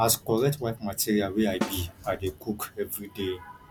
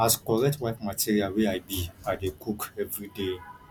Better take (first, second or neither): second